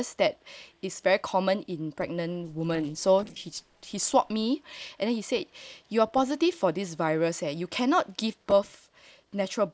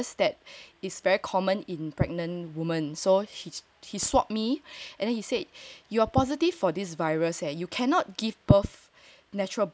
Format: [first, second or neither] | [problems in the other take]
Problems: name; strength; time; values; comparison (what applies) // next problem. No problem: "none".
second | noise reduction (neural separator model SepFormer DNS4)